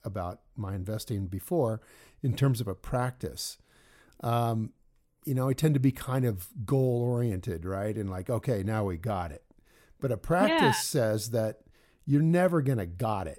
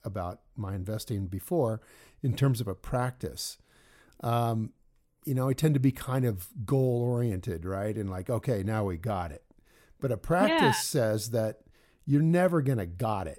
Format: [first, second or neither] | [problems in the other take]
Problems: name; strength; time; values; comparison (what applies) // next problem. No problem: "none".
neither | none